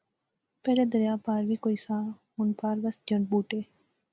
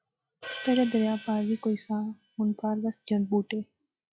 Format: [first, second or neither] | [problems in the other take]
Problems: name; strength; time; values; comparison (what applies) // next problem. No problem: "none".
first | noise reduction (classical method log-MMSE)